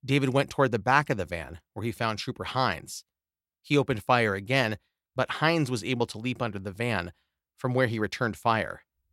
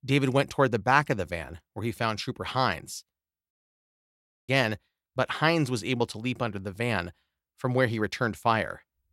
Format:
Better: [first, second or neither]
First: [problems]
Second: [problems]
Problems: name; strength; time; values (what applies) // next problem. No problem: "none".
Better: first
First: none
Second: audio cutting out; at 3.5 s for 1 s